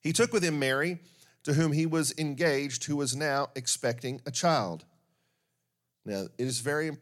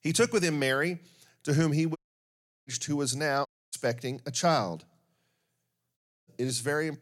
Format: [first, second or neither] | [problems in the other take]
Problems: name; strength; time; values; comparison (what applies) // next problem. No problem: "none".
first | audio cutting out; at 2 s for 0.5 s, at 3.5 s and at 6 s